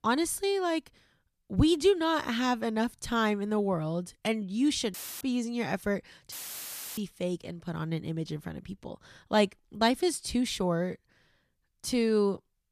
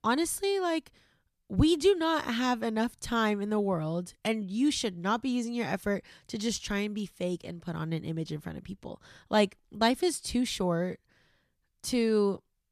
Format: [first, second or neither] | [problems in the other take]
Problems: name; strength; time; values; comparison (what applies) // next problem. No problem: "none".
second | audio cutting out; filled with static; at 5 s and at 6.5 s for 0.5 s